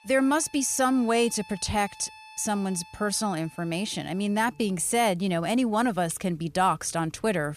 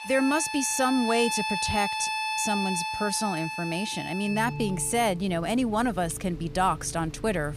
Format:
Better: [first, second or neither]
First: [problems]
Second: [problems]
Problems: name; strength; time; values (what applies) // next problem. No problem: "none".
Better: first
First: background music; faint; throughout; 25 dB below the speech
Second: background music; loud; throughout; 4 dB below the speech